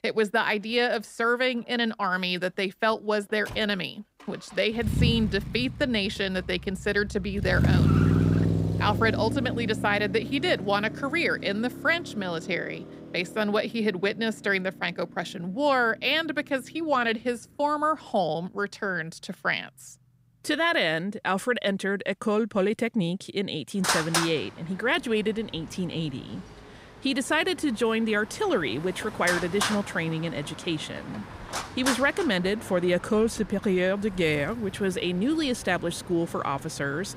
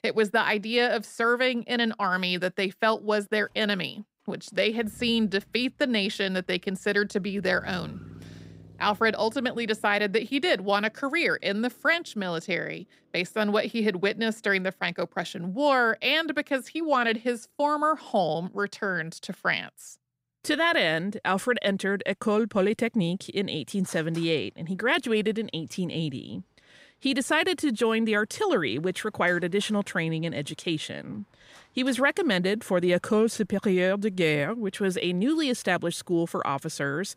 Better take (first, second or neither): second